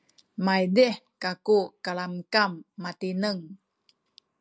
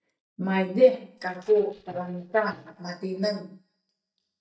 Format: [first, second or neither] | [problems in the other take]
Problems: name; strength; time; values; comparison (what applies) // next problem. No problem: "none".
first | noise reduction (neural mask model DeepFilterNet 3)